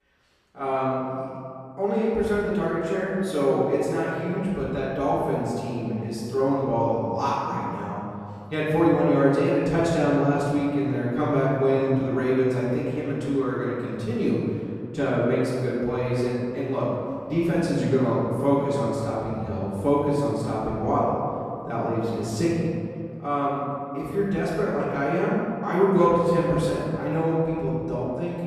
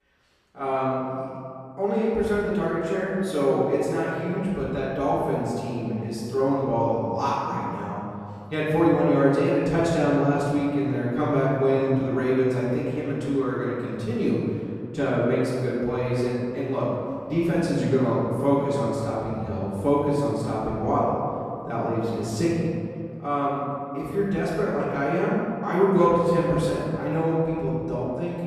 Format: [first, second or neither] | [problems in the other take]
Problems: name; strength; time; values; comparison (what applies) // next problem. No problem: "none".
neither | off-mic speech; far; the same in both // room echo; strong; dies away in 2.2 s; the same in both